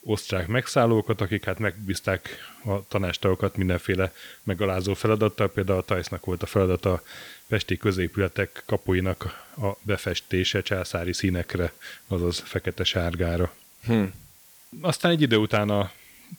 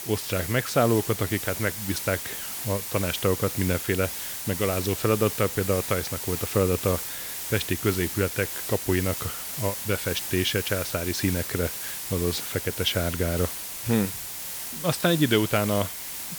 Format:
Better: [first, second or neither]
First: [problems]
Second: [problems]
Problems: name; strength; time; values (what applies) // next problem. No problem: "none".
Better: first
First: hiss; faint; throughout; 25 dB below the speech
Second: hiss; loud; throughout; 4 dB below the speech